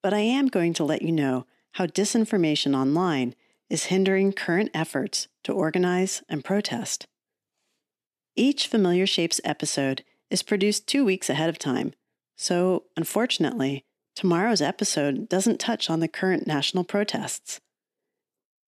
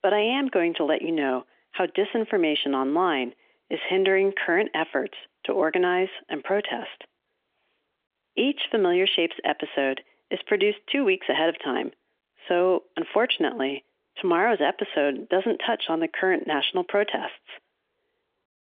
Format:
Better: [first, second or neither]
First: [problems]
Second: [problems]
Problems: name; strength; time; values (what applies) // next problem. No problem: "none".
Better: first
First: none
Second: phone-call audio; nothing above 3.5 kHz